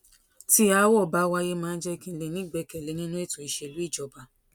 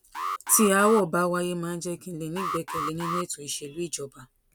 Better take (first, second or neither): first